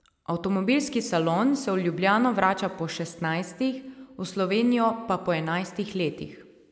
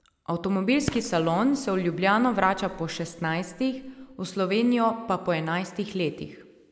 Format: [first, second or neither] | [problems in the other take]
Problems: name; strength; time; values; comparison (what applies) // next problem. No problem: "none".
first | background sound (Fireworks); 16 dB below the speech